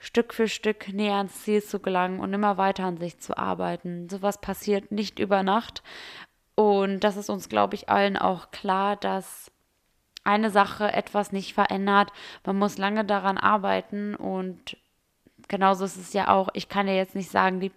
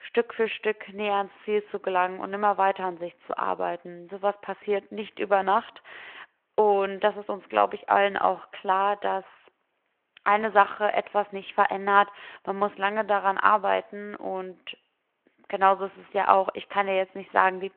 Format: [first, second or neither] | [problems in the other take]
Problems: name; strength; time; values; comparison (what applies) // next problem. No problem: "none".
first | phone-call audio